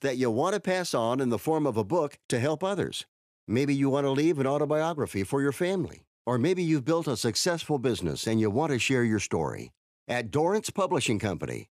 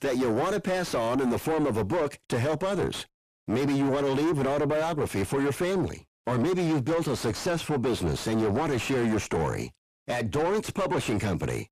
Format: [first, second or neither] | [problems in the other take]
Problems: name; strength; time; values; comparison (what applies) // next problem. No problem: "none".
first | distortion; heavy; 5 dB below the speech